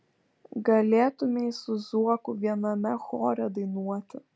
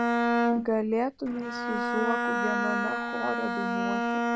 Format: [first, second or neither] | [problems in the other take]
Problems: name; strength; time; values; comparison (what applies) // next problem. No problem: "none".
first | background sound (Bowed string instrument); 4 dB above the speech